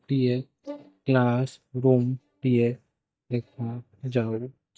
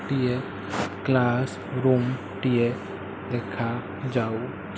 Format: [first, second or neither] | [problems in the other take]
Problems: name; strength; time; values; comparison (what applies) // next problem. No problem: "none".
second | noise reduction (neural mask model DeepFilterNet 3)